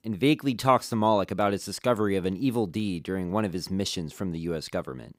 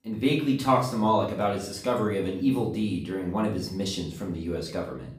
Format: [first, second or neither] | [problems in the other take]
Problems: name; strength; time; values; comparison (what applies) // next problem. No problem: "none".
first | room echo; slight; dies away in 0.5 s // off-mic speech; far